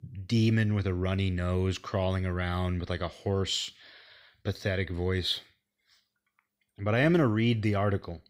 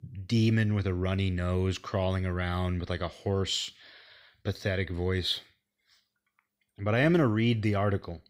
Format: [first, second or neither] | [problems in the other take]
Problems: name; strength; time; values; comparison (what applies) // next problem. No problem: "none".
neither | none